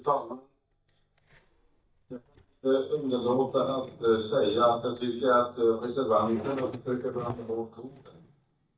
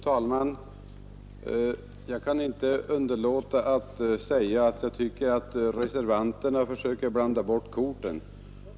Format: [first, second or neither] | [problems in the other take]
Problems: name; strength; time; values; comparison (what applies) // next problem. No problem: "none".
second | noise reduction (neural mask model DeepFilterNet 3)